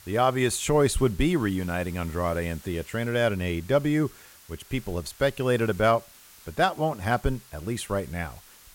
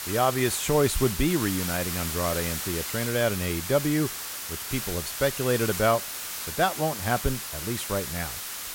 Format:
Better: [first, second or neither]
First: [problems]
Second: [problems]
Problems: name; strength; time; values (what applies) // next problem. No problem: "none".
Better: first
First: hiss; faint; throughout; 20 dB below the speech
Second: hiss; loud; throughout; 4 dB below the speech